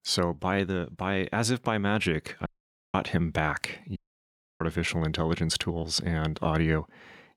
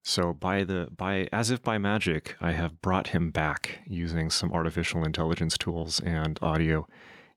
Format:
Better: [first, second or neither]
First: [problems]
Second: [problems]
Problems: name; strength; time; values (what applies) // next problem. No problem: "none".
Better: second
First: audio cutting out; at 2.5 s and at 4 s for 0.5 s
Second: none